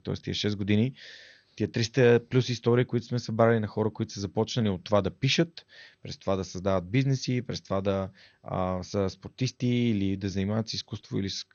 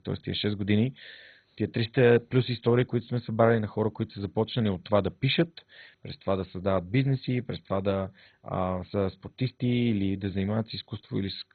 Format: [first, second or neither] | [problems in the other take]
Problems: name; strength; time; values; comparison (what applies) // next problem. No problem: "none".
first | garbled, watery; badly; nothing above 4 kHz; slightly in the first